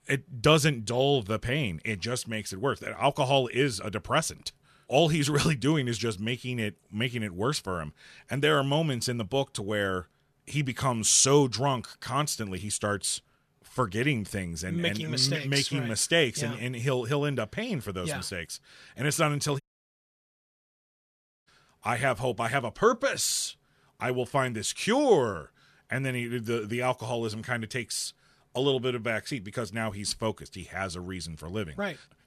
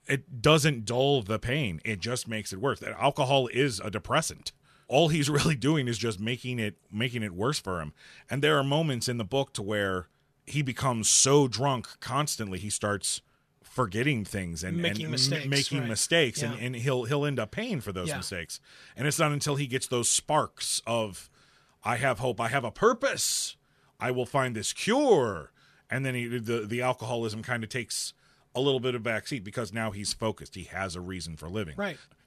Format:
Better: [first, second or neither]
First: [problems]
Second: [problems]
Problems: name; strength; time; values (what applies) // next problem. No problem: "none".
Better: second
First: audio cutting out; at 20 s for 2 s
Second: none